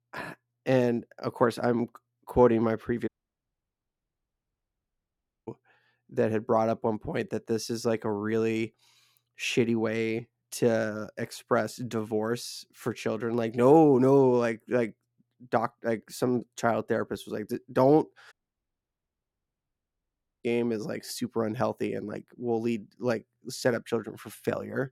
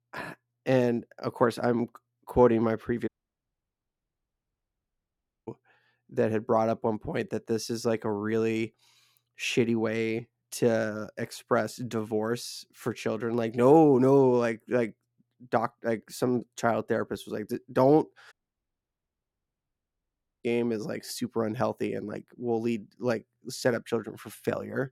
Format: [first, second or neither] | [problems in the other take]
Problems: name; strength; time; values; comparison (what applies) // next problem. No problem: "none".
neither | audio cutting out; at 3 s for 2.5 s and at 18 s for 2 s; the same in both